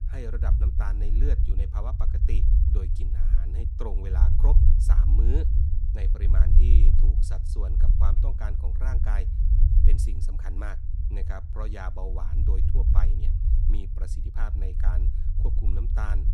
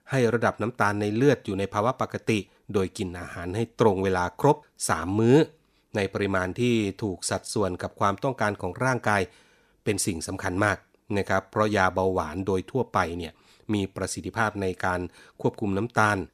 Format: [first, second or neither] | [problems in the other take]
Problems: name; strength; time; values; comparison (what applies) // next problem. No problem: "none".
second | low rumble; loud; throughout; 2 dB below the speech